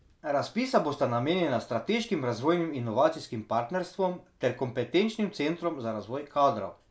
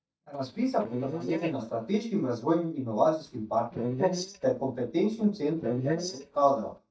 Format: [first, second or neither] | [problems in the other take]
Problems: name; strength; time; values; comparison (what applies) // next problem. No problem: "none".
first | noise reduction (neural mask model DeepFilterNet 3)